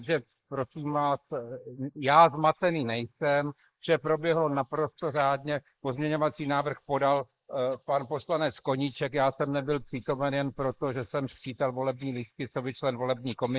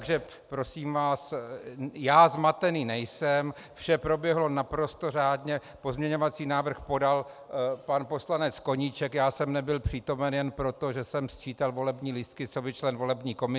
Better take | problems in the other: second | noise reduction (neural mask model Resemble Enhance denoiser)

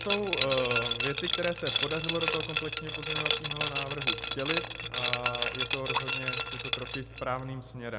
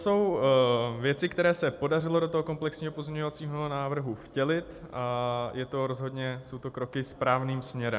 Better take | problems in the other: second | background sound (Liquid); 3 dB above the speech

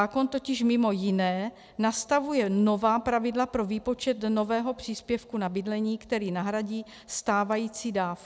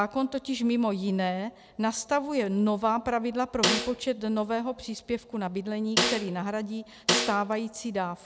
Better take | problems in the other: first | background sound (Snare drum); 2 dB below the speech

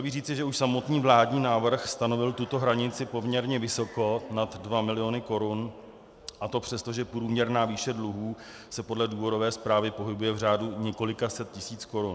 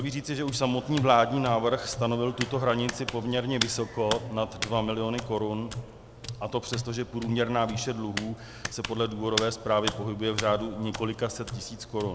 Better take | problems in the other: first | background sound (Hands); 9 dB below the speech

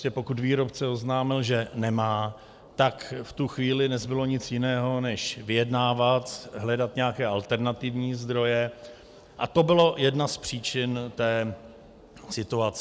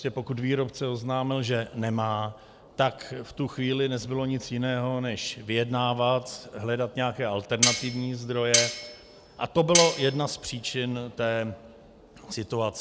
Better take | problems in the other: first | background sound (Cutlery, silverware); as loud as the speech

